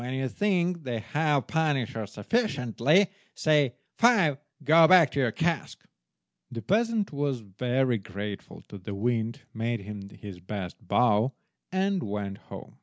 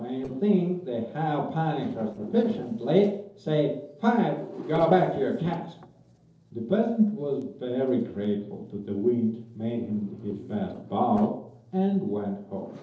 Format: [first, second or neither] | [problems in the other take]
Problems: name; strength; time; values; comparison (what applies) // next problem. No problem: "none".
first | noise reduction (neural separator model SepFormer DNS4)